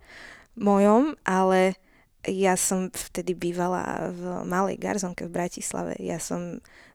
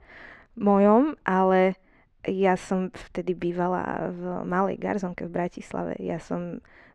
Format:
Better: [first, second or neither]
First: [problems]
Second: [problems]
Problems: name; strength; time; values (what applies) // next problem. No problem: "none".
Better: first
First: none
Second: muffled; very; fading above 2.5 kHz